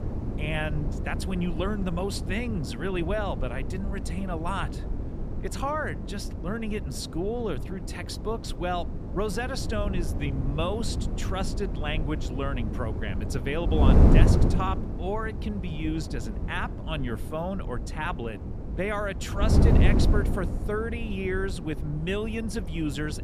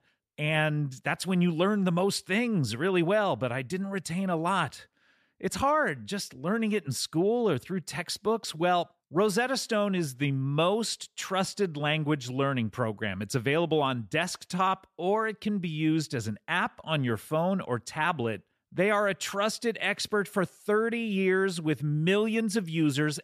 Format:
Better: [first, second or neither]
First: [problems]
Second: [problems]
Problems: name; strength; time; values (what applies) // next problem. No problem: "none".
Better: second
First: wind noise on the microphone; heavy; 5 dB below the speech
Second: none